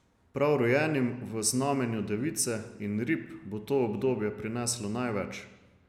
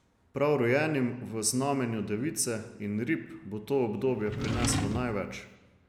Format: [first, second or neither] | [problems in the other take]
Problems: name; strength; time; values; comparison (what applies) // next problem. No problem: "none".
first | background sound (Drawer open or close); 2 dB below the speech